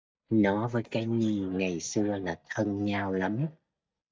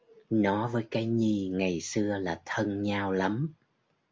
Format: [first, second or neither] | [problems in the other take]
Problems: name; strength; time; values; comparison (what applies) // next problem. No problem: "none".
second | noise reduction (neural mask model DeepFilterNet 3)